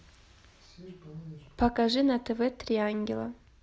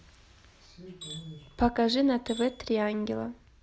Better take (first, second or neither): first